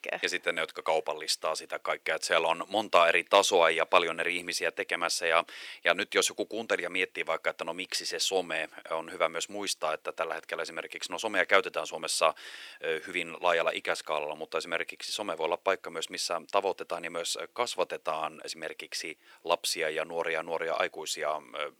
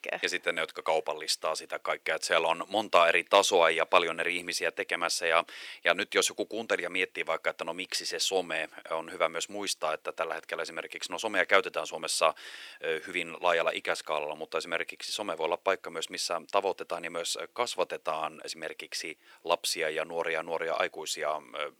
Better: neither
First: thin; somewhat; fading below 450 Hz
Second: thin; somewhat; fading below 450 Hz

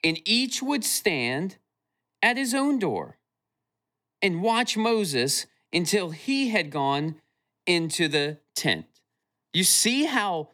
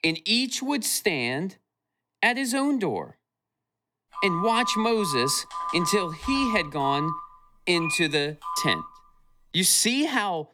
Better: first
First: none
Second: phone ringing; noticeable; from 4 to 9 s; peak 4 dB below the speech

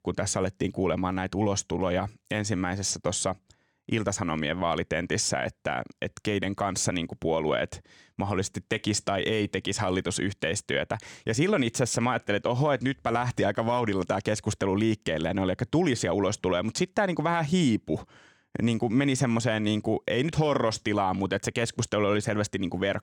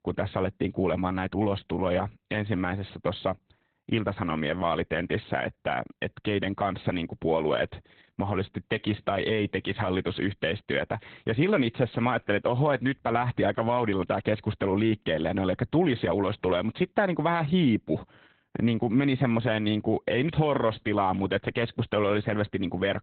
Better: first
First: none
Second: garbled, watery; badly; nothing above 3.5 kHz

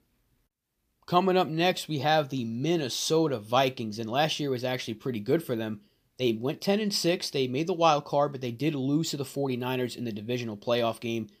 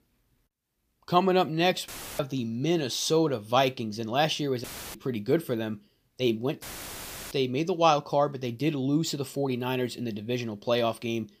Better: first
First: none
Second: audio cutting out; filled with static; at 2 s, at 4.5 s and at 6.5 s for 0.5 s

